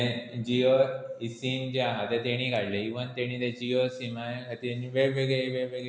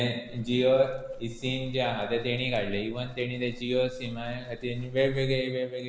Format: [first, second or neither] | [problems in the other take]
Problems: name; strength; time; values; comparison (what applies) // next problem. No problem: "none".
first | background sound (Livestock, farm animals, working animals); 14 dB below the speech